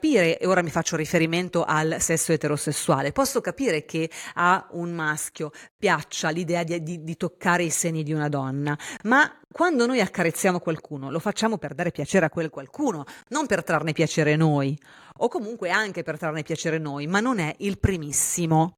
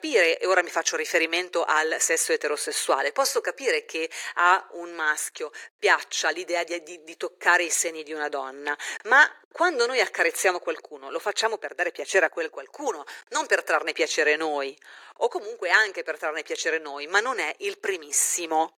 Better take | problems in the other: first | thin; very; fading below 400 Hz

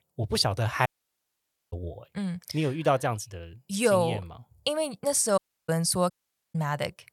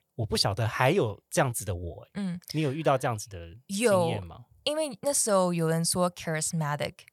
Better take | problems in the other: second | audio cutting out; at 1 s for 1 s, at 5.5 s and at 6 s

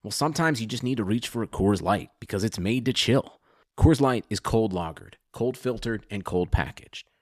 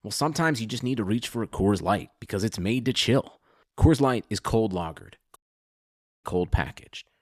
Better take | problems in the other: first | audio cutting out; at 5.5 s for 1 s

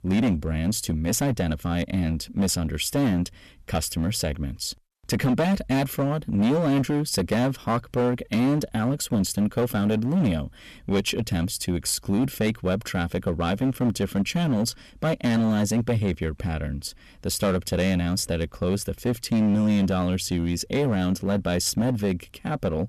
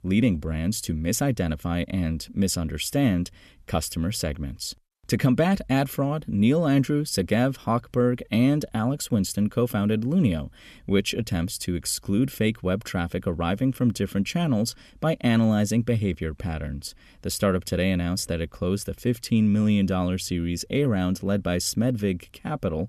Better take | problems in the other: second | distortion; slight; 11% of the sound clipped

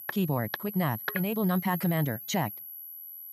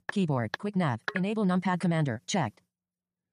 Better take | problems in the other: second | high-pitched whine; loud; throughout; 11.5 kHz, 9 dB below the speech

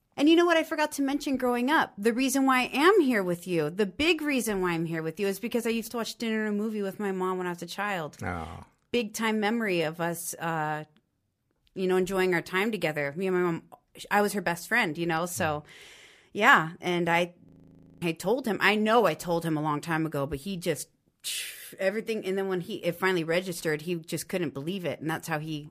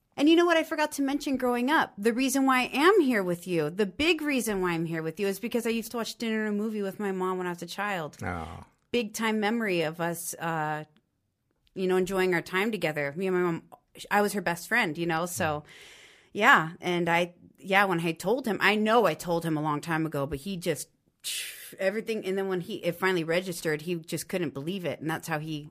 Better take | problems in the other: second | audio freezing; at 17 s for 0.5 s

